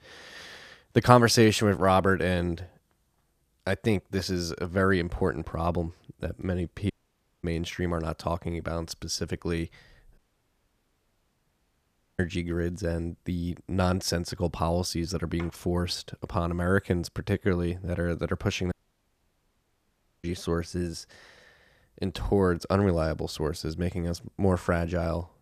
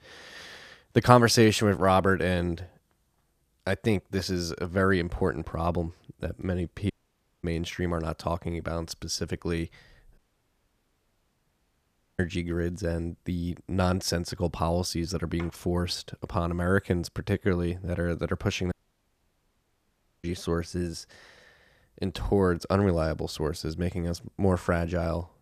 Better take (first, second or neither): neither